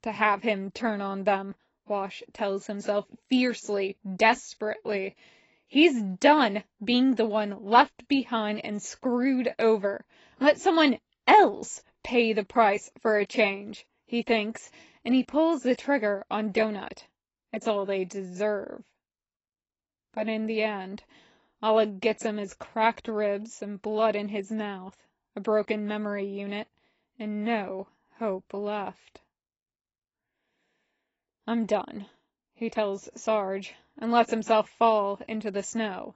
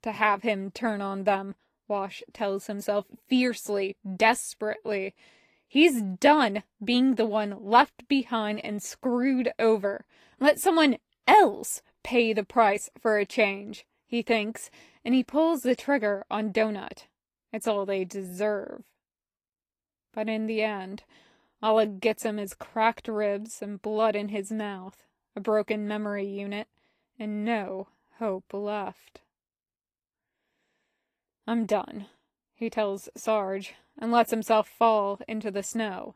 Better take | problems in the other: second | garbled, watery; badly; nothing above 7.5 kHz; slightly in the second

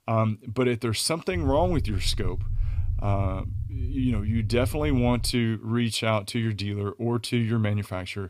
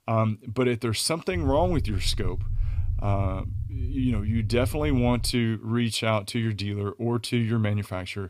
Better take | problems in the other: neither | low rumble; noticeable; from 1.5 to 5.5 s; 20 dB below the speech; the same in both

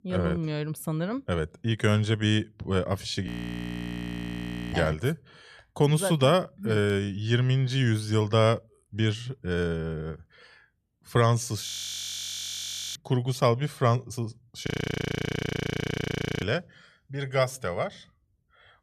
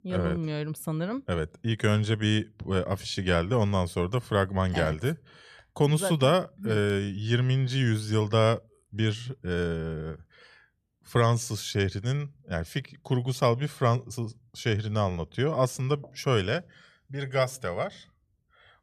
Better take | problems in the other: second | audio freezing; at 3.5 s for 1.5 s, at 12 s for 1.5 s and at 15 s for 2 s

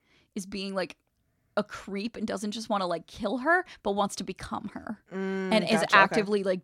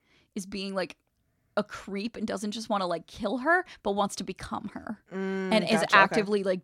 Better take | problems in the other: neither | none

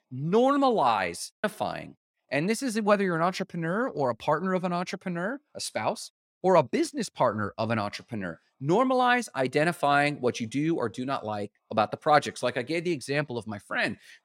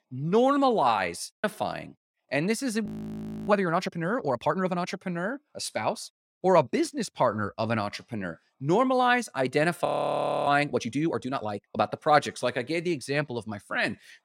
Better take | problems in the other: first | audio freezing; at 3 s for 0.5 s and at 10 s for 0.5 s

